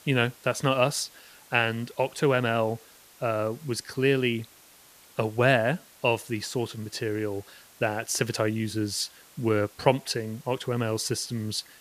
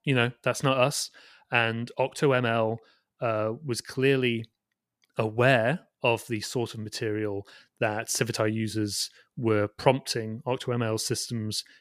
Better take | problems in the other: second | hiss; faint; throughout; 25 dB below the speech

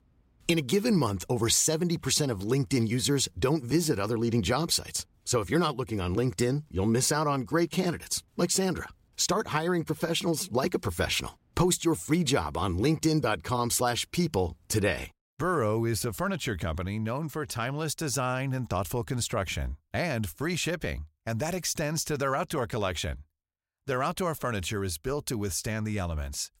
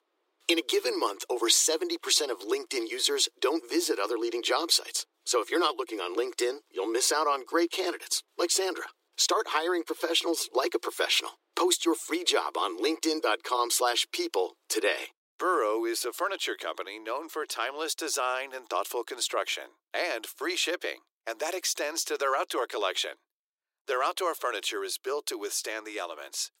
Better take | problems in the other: first | thin; very; fading below 350 Hz

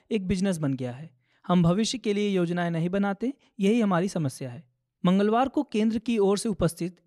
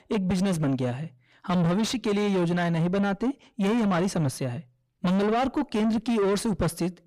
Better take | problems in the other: first | distortion; heavy; 7 dB below the speech

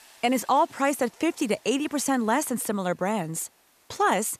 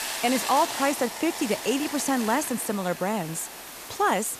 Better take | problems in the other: first | hiss; loud; throughout; 7 dB below the speech; faint in the first

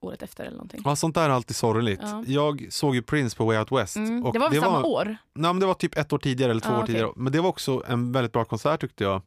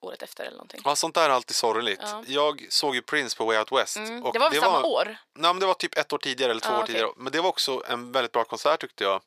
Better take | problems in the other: first | thin; very; fading below 600 Hz

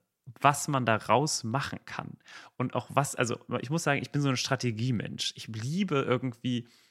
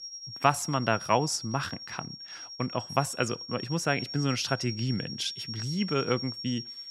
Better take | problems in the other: first | high-pitched whine; loud; throughout; 5.5 kHz, 8 dB below the speech

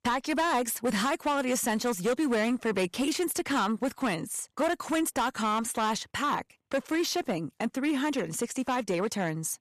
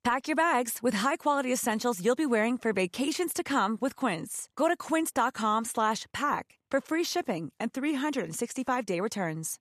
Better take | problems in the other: second | distortion; slight; 10% of the sound clipped

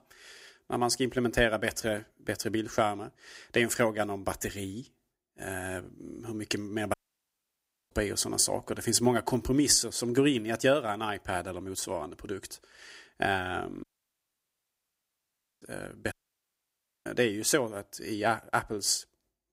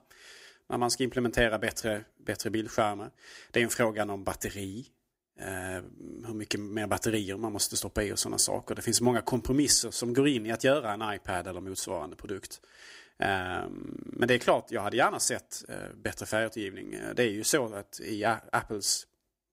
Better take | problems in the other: second | audio cutting out; at 7 s for 1 s, at 14 s for 2 s and at 16 s for 1 s

